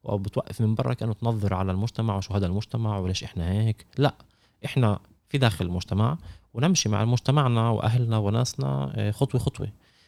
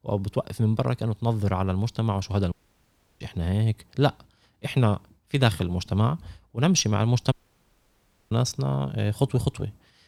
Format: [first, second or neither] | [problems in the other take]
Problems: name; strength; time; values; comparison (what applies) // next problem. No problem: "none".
first | audio cutting out; at 2.5 s for 0.5 s and at 7.5 s for 1 s